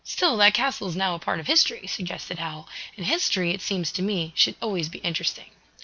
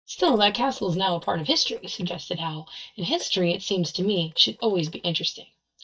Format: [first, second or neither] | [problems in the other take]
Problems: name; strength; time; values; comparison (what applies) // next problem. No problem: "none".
first | noise reduction (neural mask model DeepFilterNet 3)